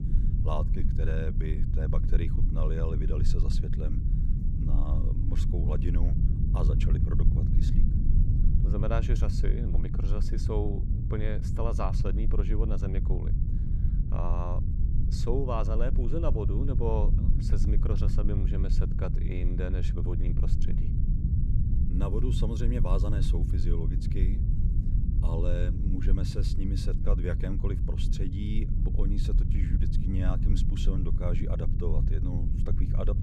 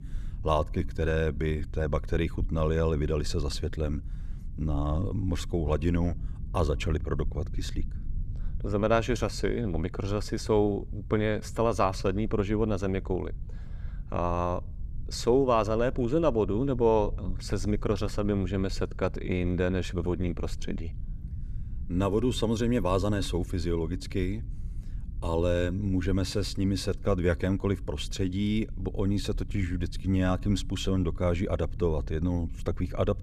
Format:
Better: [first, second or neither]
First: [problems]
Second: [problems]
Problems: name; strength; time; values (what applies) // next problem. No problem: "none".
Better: second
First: low rumble; loud; throughout; 4 dB below the speech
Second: low rumble; faint; throughout; 25 dB below the speech